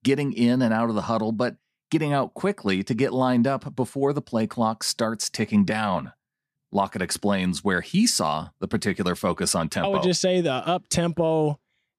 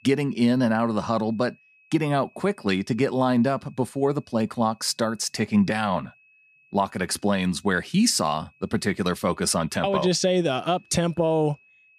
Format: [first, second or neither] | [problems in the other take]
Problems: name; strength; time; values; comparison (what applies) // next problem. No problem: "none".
first | high-pitched whine; faint; throughout; 2.5 kHz, 35 dB below the speech